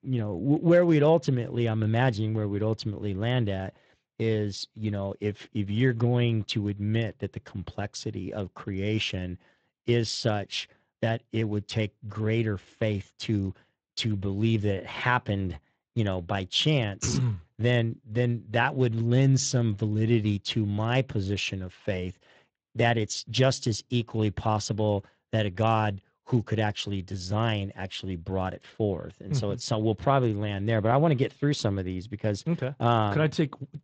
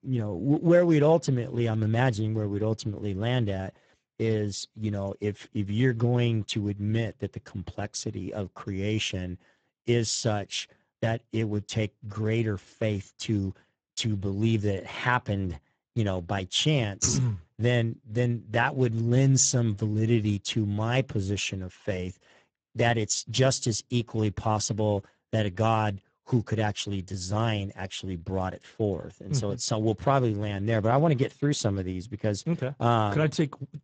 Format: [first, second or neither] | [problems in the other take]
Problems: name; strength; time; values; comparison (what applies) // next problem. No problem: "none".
first | garbled, watery; badly; nothing above 7.5 kHz; slightly in the first